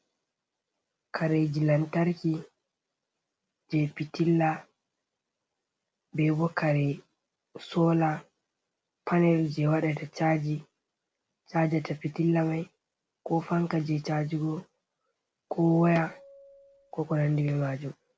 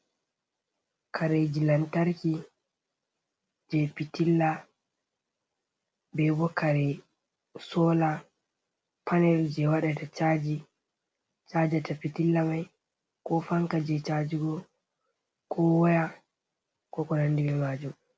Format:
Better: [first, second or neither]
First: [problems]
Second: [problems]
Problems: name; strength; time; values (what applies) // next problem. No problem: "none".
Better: second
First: background sound (Tabla); 17 dB below the speech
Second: none